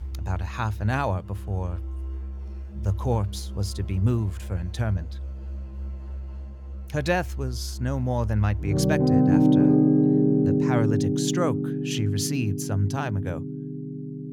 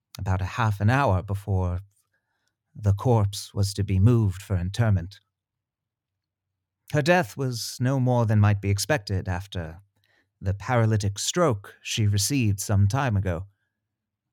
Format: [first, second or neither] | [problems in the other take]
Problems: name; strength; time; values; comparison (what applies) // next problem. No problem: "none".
second | background music; very loud; throughout; 2 dB above the speech